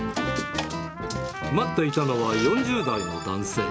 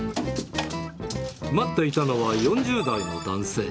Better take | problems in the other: second | background sound (Trumpet); 8 dB below the speech

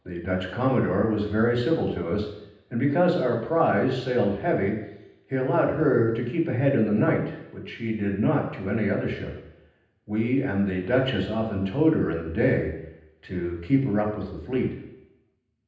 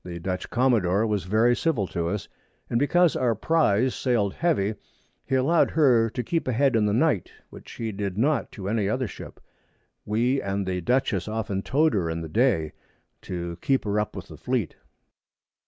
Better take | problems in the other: second | room echo; dies away in 0.9 s

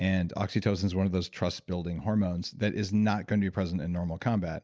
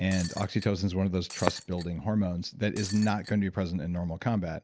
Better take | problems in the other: first | background sound (Shatter + Fireworks); 11 dB below the speech

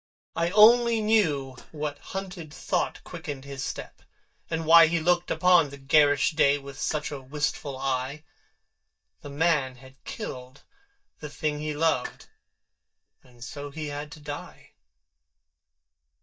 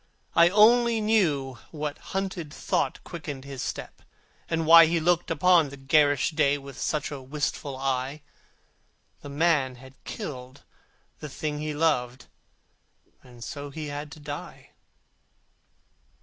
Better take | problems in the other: second | noise reduction (neural mask model DeepFilterNet 3)

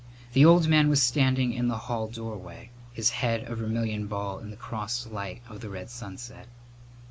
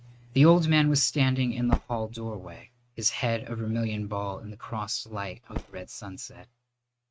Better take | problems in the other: first | noise reduction (neural mask model RNNoise)

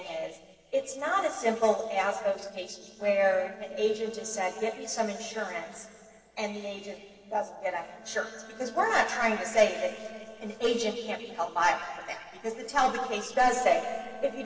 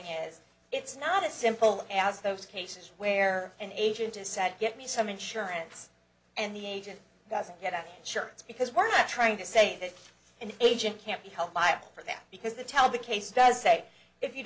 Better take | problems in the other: second | noise reduction (neural separator model SepFormer DNS4)

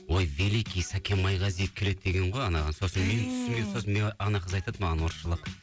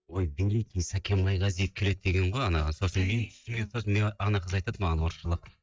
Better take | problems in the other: first | noise reduction (neural mask model DeepFilterNet 3)

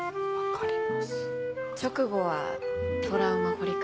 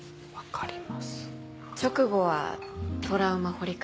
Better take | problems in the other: second | background sound (Wind instrument, woodwind instrument); 2 dB above the speech

